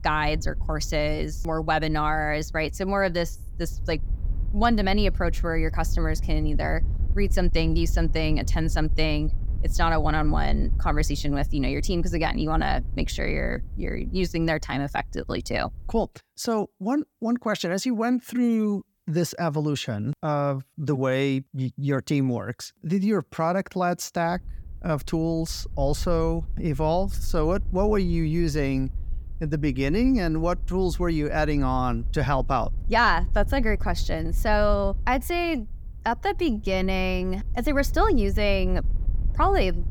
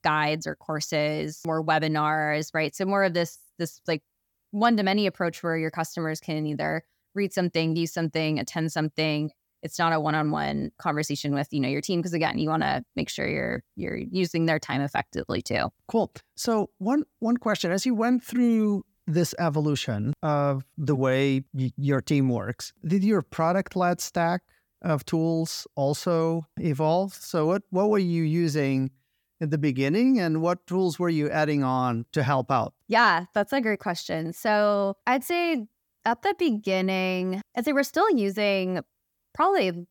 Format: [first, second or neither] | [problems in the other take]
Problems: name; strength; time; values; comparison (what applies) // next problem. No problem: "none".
second | wind noise on the microphone; occasional gusts; until 16 s and from 24 s on; 25 dB below the speech